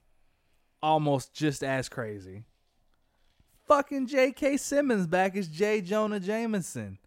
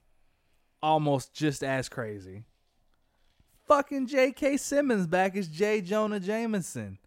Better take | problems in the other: neither | none

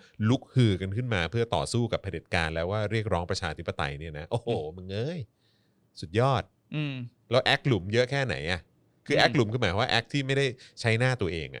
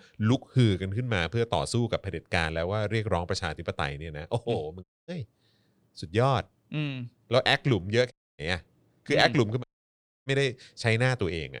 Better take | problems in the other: first | audio cutting out; at 5 s, at 8 s and at 9.5 s for 0.5 s

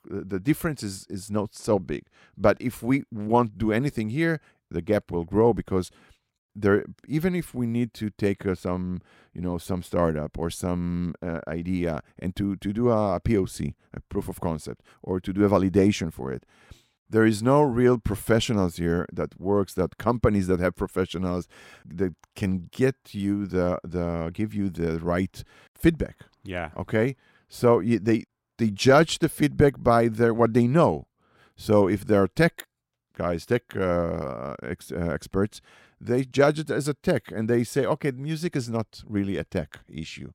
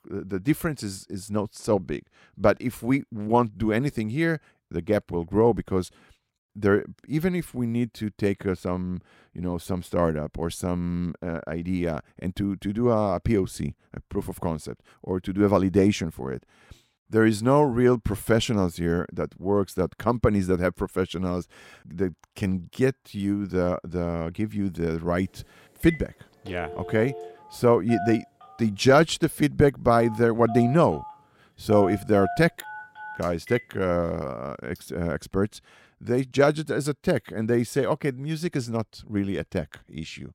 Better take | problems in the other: first | phone ringing; noticeable; from 26 to 35 s; peak 7 dB below the speech

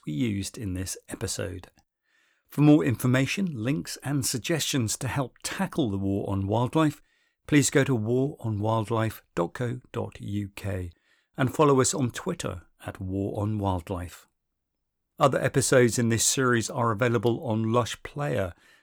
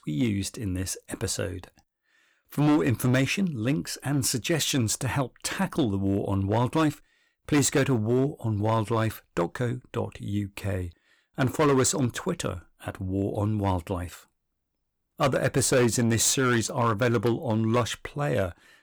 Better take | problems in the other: first | distortion; slight; 5% of the sound clipped

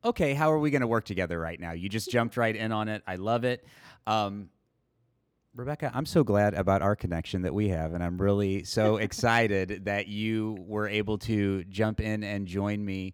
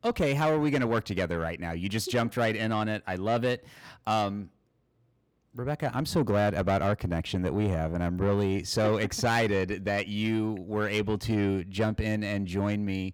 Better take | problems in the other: first | distortion; slight; 10 dB below the speech

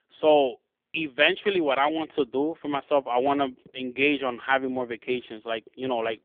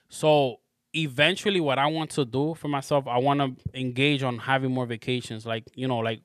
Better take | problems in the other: second | phone-call audio; poor line; nothing above 3.5 kHz

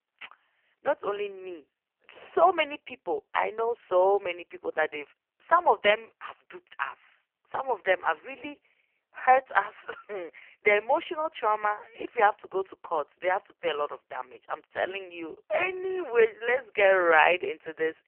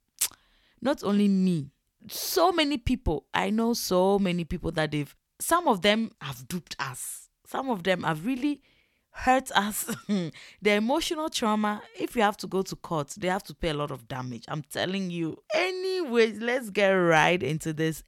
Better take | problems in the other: second | phone-call audio; poor line; nothing above 3 kHz

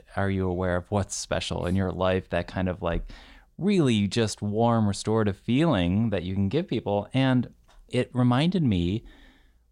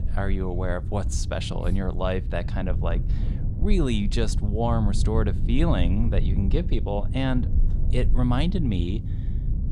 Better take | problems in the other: first | low rumble; noticeable; throughout; 10 dB below the speech

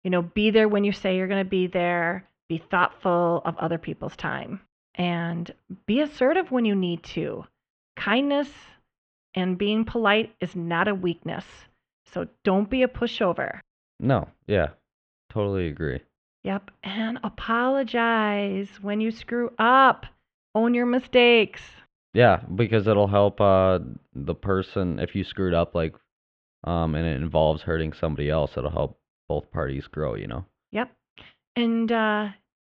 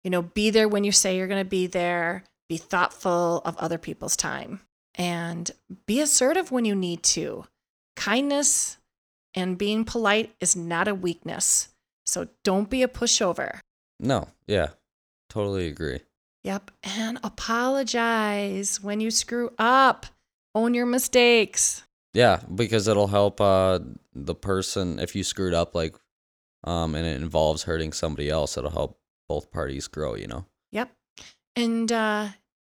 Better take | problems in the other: second | muffled; very; fading above 3 kHz

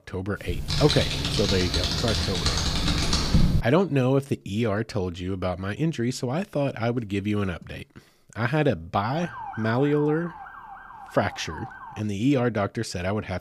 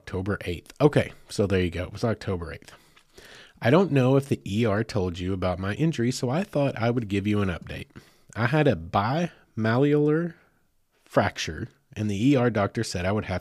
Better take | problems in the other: second | keyboard typing; loud; until 3.5 s; peak 4 dB above the speech // siren; faint; from 9 to 12 s; peak 10 dB below the speech

